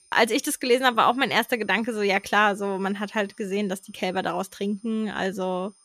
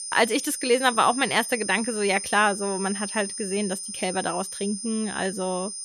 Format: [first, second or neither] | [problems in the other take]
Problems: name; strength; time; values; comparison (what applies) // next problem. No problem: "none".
first | high-pitched whine; loud; throughout; 9 kHz, 7 dB below the speech; faint in the first